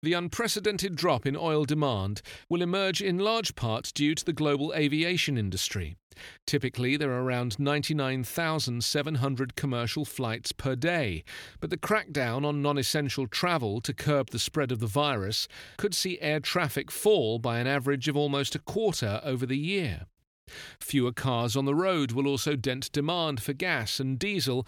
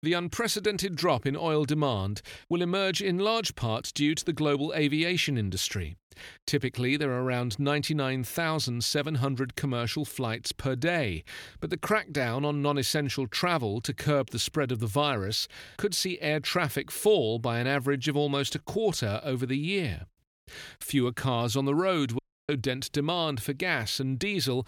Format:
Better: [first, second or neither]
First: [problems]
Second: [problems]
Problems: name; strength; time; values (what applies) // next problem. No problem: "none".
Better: first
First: none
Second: audio cutting out; at 22 s